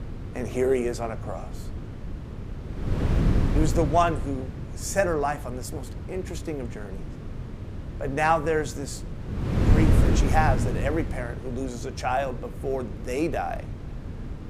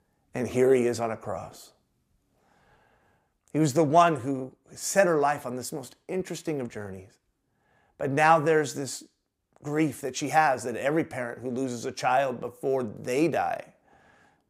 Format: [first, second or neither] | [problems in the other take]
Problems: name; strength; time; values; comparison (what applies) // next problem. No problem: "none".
second | wind noise on the microphone; occasional gusts; 10 dB below the speech